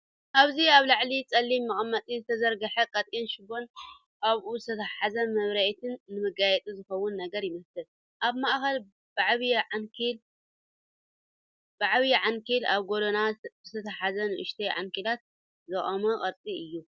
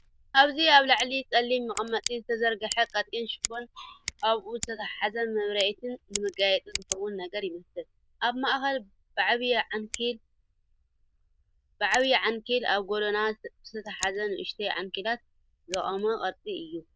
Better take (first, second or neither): first